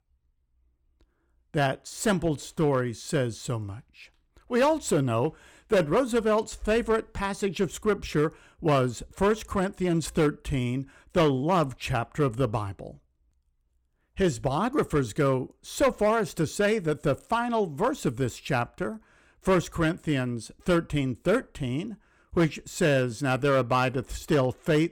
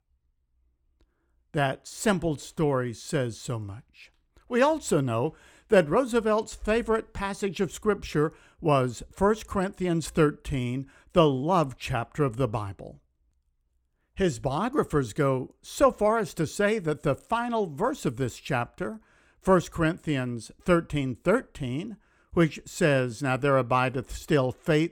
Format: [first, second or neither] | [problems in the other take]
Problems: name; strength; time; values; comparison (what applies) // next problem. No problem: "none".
second | distortion; slight; 4% of the sound clipped